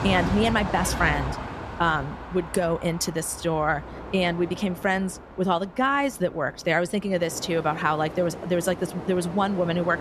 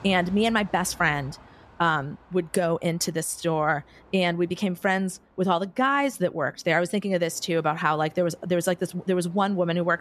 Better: second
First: train or aircraft noise; loud; throughout; 9 dB below the speech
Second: train or aircraft noise; faint; throughout; 25 dB below the speech

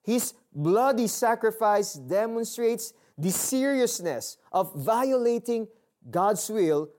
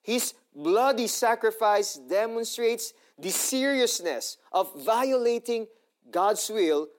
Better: first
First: none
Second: thin; very slightly; fading below 250 Hz

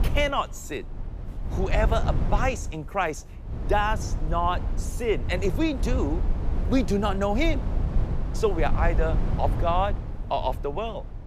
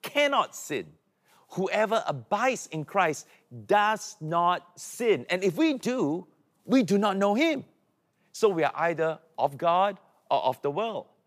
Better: second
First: low rumble; noticeable; throughout; 15 dB below the speech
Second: none

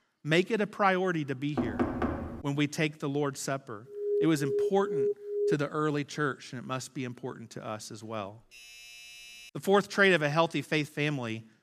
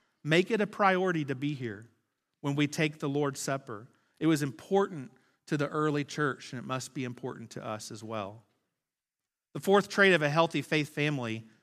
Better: second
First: door banging; noticeable; at 1.5 s; peak 1 dB below the speech // alarm; noticeable; from 4 to 5.5 s; peak 1 dB below the speech // doorbell; faint; from 8.5 to 9.5 s; peak 15 dB below the speech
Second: none

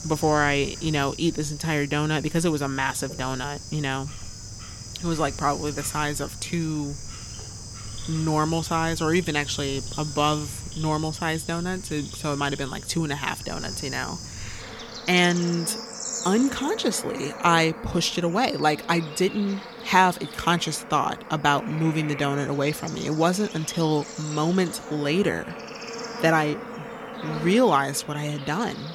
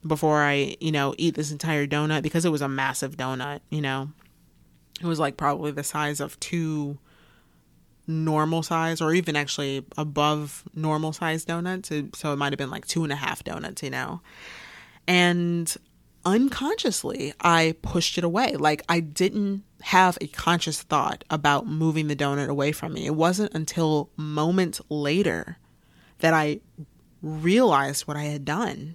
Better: second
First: animal sounds; noticeable; throughout; 10 dB below the speech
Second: none

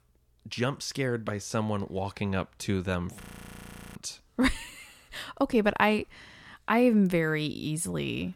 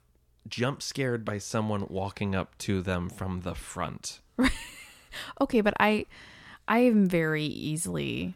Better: second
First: audio freezing; at 3 s for 0.5 s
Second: none

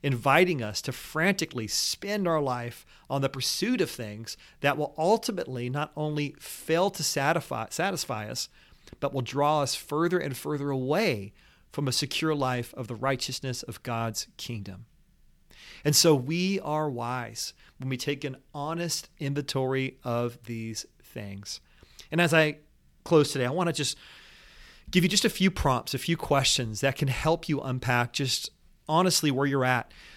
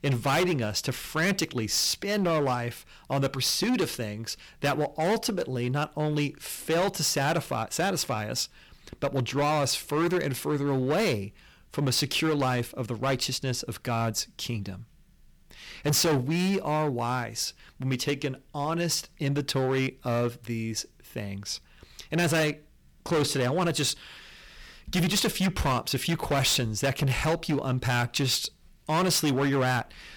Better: first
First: none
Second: distortion; heavy; 12% of the sound clipped

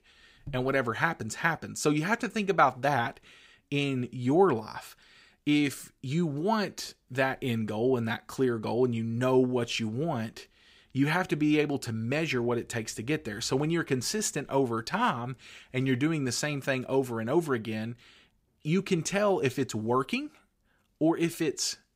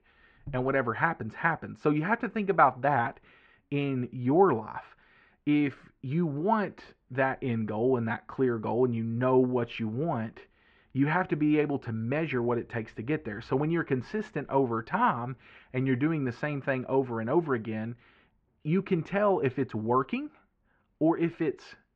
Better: first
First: none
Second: muffled; very; fading above 2 kHz

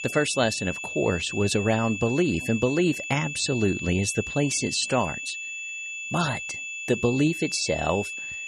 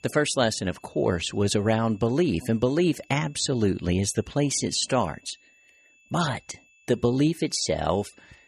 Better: second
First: high-pitched whine; loud; throughout; 2.5 kHz, 6 dB below the speech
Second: high-pitched whine; faint; throughout; 2.5 kHz, 30 dB below the speech

